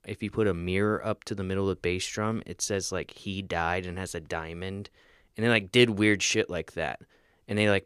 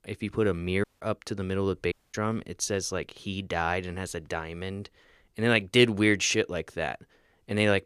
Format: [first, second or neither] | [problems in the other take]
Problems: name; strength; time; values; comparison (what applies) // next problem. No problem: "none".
first | audio cutting out; at 1 s and at 2 s